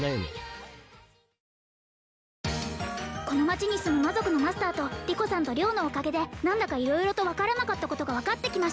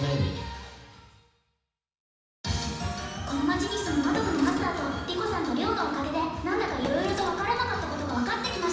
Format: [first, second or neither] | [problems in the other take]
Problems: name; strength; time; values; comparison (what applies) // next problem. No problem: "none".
first | background sound (Drawer open or close); 10 dB below the speech // room echo; dies away in 1.1 s